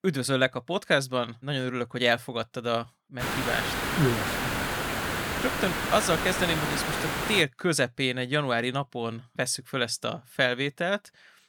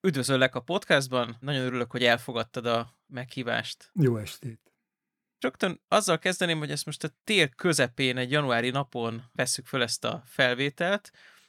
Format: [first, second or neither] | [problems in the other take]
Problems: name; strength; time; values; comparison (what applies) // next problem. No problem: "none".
second | hiss; loud; from 3 to 7.5 s; 1 dB below the speech